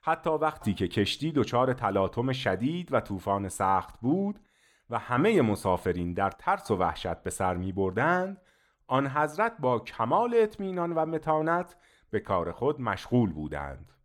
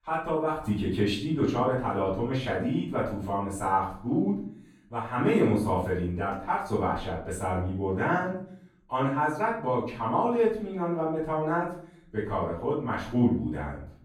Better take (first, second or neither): first